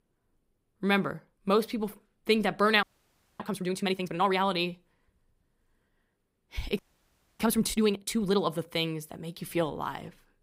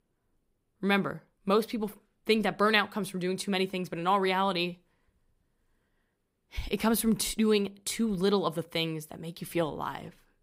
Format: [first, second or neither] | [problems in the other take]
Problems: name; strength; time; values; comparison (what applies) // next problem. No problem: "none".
second | audio freezing; at 3 s for 0.5 s and at 7 s for 0.5 s